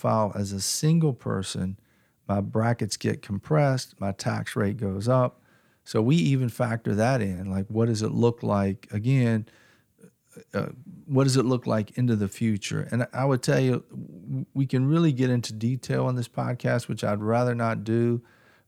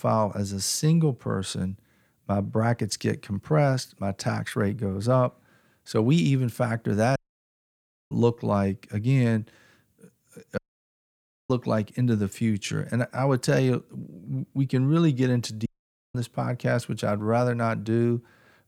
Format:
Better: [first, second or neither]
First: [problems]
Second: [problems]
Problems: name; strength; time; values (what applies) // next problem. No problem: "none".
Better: first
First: none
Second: audio cutting out; at 7 s for 1 s, at 11 s for 1 s and at 16 s